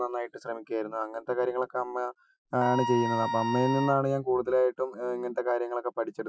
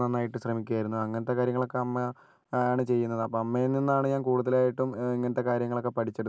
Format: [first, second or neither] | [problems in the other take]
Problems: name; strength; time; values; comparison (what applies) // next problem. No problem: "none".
second | noise reduction (classical method Wiener filter)